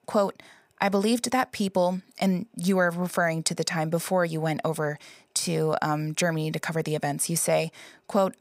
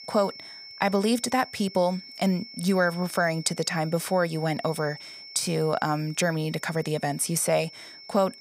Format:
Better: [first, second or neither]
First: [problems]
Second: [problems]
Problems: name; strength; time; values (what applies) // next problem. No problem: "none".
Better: first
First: none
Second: high-pitched whine; noticeable; throughout; 5.5 kHz, 15 dB below the speech